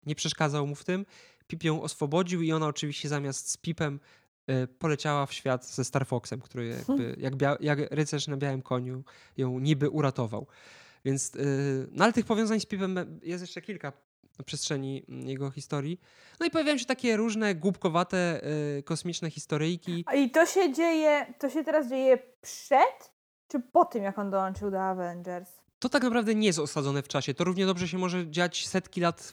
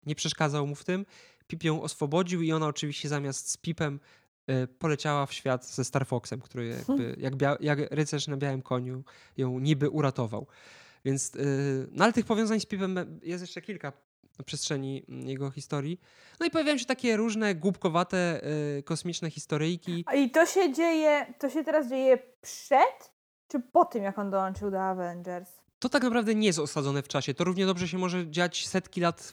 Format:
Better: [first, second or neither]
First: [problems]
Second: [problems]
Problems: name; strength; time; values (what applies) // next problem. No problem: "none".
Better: neither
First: none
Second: none